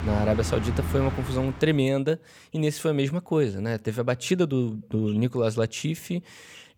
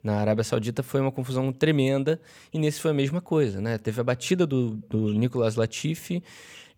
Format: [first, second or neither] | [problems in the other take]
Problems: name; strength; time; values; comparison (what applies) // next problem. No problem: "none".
second | traffic noise; loud; until 1.5 s; 6 dB below the speech